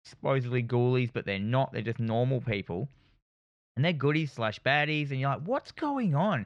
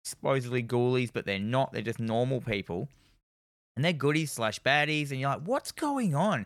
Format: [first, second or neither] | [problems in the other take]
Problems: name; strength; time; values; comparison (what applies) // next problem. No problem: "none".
second | muffled; very slightly; fading above 4 kHz